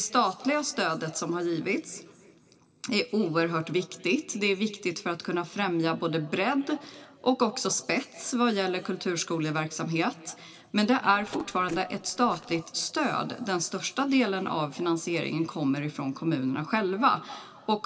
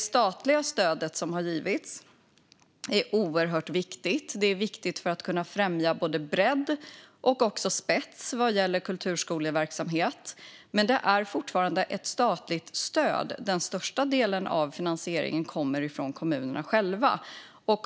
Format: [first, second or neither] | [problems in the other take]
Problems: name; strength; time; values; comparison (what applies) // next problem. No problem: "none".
second | noise reduction (neural separator model SepFormer DNS4)